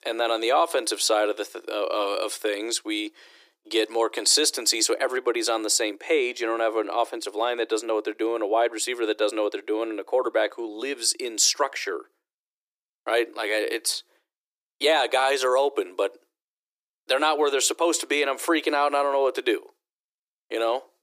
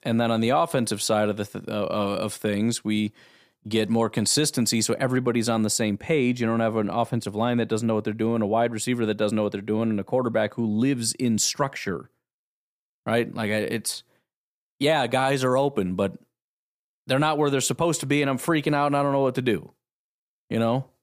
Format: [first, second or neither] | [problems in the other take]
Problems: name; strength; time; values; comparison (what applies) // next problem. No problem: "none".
second | thin; very; fading below 300 Hz